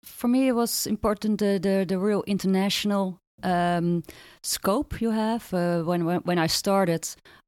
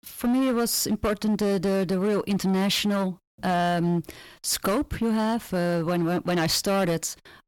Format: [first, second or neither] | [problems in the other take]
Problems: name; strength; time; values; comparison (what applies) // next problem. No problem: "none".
first | distortion; slight; 16% of the sound clipped